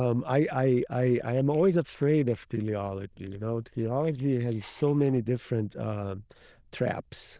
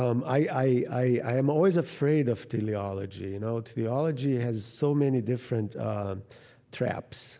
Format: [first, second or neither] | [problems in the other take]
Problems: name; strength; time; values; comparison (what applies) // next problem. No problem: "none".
second | noise reduction (neural diffusion model UNIVERSE++)